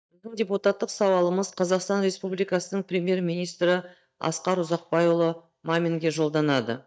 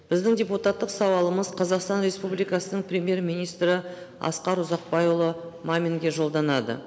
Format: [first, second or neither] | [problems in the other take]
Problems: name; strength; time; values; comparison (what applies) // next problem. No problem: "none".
second | noise reduction (neural mask model DeepFilterNet 3)